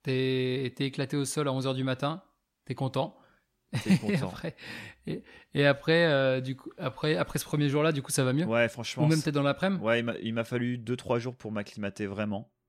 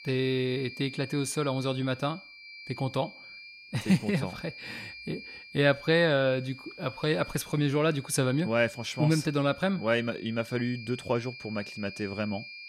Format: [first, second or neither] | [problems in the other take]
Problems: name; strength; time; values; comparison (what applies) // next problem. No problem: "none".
first | high-pitched whine; noticeable; throughout; 2.5 kHz, 15 dB below the speech